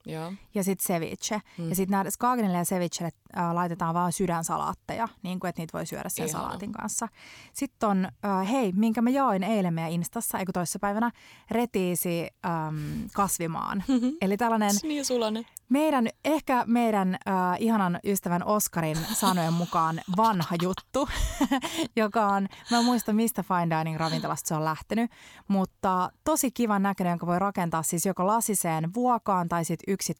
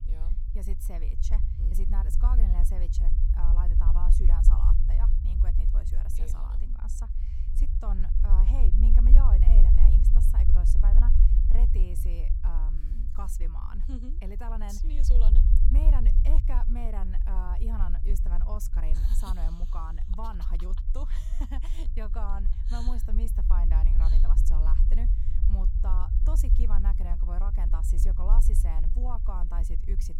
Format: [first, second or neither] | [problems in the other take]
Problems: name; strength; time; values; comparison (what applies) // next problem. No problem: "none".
first | low rumble; loud; throughout; 4 dB below the speech